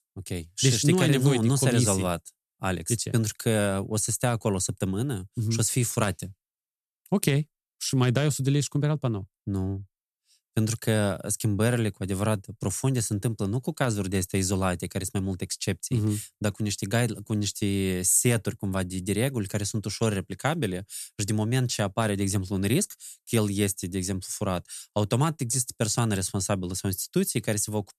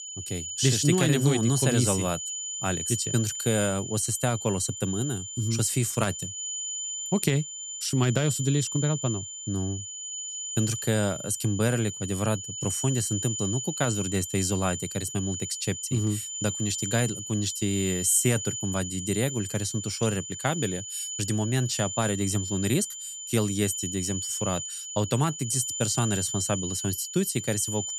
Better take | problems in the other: first | high-pitched whine; loud; throughout; 7 kHz, 5 dB below the speech

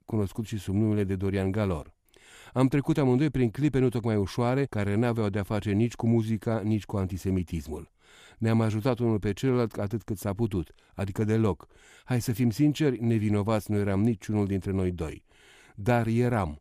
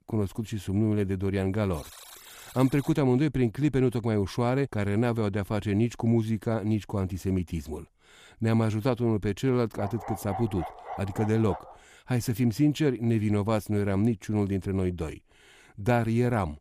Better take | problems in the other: first | alarm; faint; from 1.5 to 3 s; peak 15 dB below the speech // dog barking; noticeable; from 10 to 12 s; peak 10 dB below the speech

